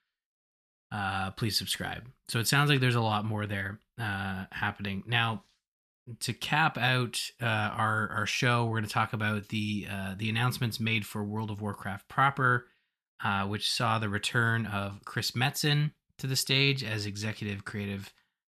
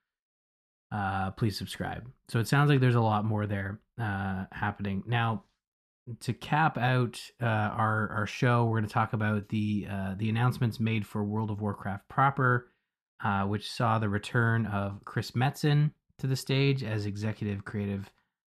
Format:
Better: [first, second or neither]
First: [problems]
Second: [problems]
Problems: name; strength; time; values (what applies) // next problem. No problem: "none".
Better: first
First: none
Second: muffled; slightly; fading above 1.5 kHz